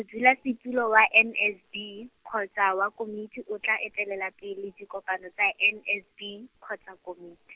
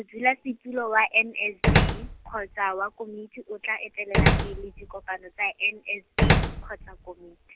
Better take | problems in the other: first | background sound (Slam); 3 dB above the speech

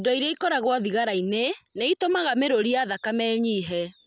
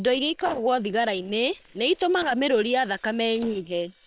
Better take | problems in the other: first | noise reduction (neural separator model SepFormer WHAM!)

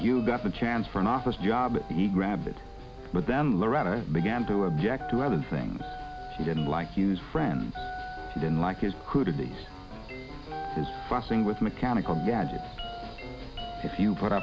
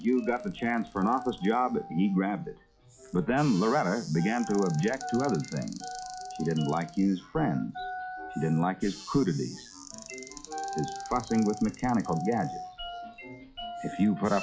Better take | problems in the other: first | noise reduction (classical method log-MMSE)

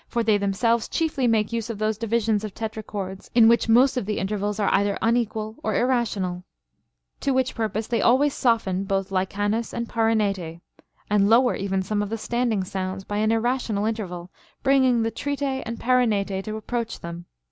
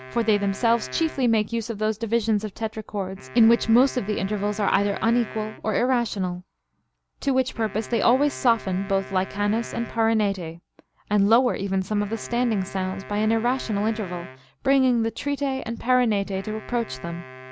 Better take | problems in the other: first | background sound (Wind instrument, woodwind instrument); 18 dB below the speech

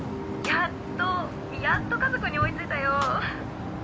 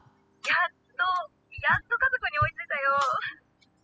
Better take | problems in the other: first | noise reduction (classical method spectral subtraction)

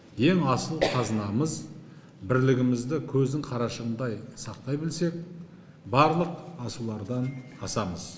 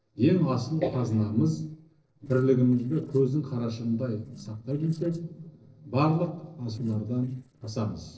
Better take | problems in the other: first | noise reduction (neural separator model SepFormer DNS4)

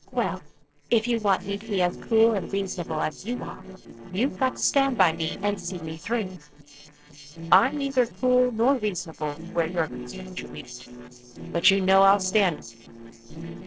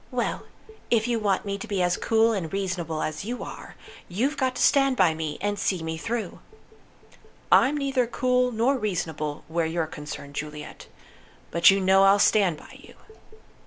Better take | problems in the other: second | noise reduction (neural separator model SepFormer DNS4)

